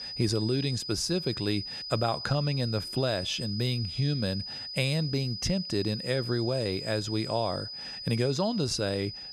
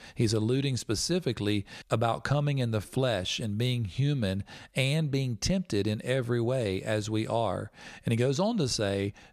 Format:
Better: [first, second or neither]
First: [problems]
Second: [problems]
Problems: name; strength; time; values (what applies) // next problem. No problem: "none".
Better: second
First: high-pitched whine; loud; throughout; 5 kHz, 6 dB below the speech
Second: none